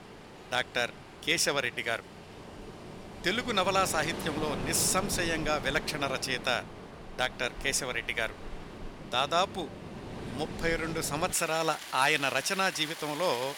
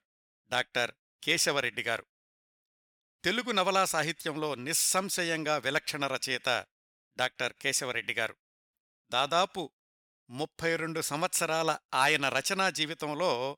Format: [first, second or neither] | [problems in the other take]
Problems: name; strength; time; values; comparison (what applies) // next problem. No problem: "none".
second | rain or running water; noticeable; throughout; 10 dB below the speech